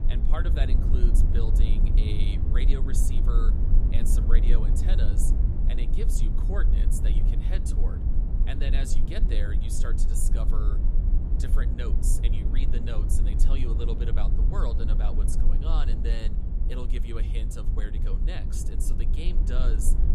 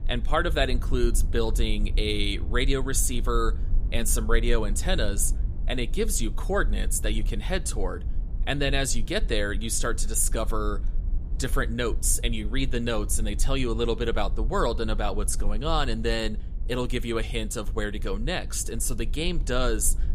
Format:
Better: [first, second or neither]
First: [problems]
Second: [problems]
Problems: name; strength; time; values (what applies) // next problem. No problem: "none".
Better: second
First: low rumble; loud; throughout; 3 dB below the speech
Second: low rumble; faint; throughout; 20 dB below the speech